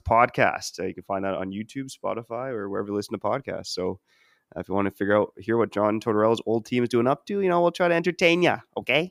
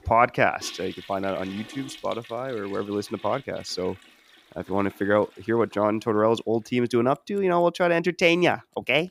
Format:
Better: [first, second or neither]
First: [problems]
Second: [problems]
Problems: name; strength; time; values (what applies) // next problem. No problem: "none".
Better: first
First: none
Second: household noises; noticeable; throughout; 20 dB below the speech